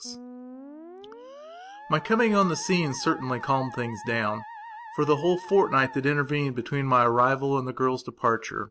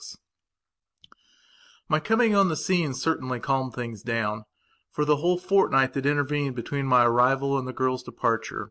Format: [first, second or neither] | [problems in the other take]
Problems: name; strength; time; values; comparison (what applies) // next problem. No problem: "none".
second | background sound (Musical instrument); 17 dB below the speech